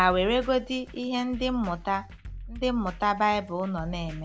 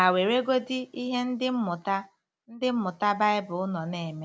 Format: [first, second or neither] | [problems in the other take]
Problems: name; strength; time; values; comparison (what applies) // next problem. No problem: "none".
second | background sound (Drum kit); 14 dB below the speech